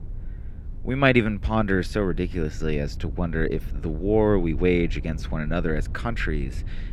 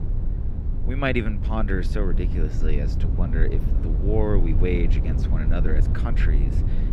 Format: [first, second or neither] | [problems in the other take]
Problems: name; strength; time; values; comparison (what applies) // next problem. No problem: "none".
first | low rumble; loud; throughout; 8 dB below the speech; faint in the first